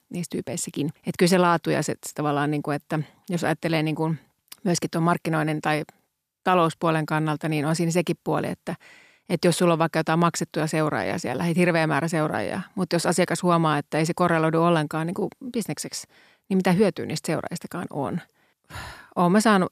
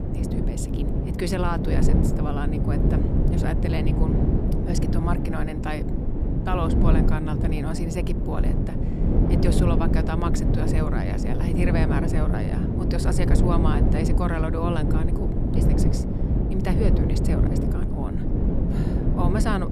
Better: first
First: none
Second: wind noise on the microphone; heavy; as loud as the speech

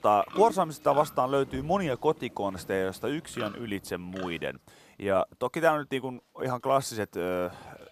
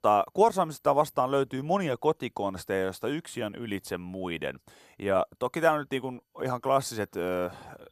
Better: second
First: animal sounds; noticeable; throughout; 15 dB below the speech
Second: none

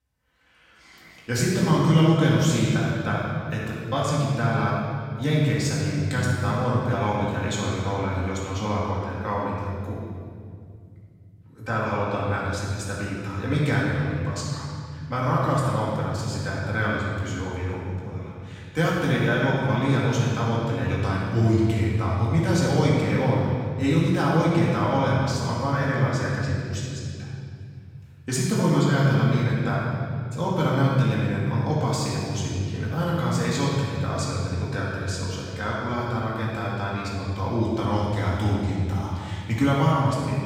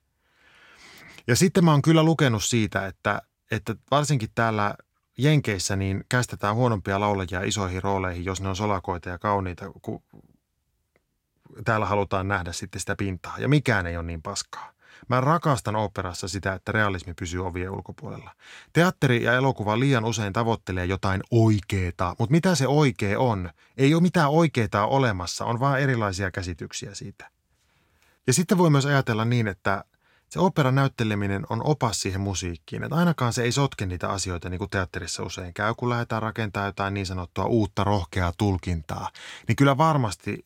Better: second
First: off-mic speech; far // room echo; strong; dies away in 2.6 s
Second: none

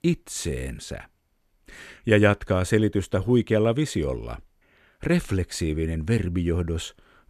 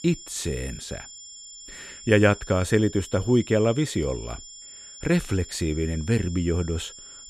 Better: first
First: none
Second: high-pitched whine; noticeable; throughout; 7 kHz, 15 dB below the speech

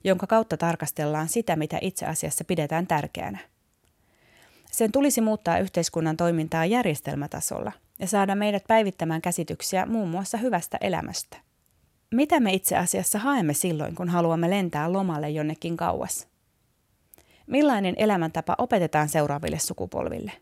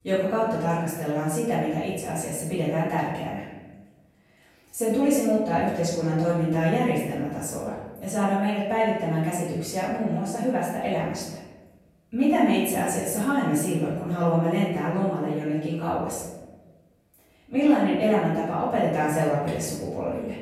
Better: first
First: none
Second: off-mic speech; far // room echo; noticeable; dies away in 1.1 s

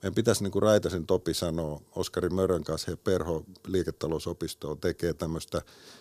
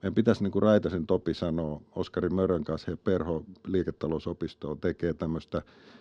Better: first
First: none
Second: muffled; slightly; fading above 3.5 kHz

